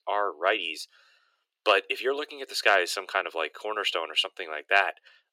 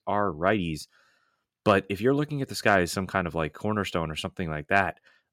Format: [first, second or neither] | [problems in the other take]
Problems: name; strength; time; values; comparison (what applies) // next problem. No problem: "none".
second | thin; very; fading below 400 Hz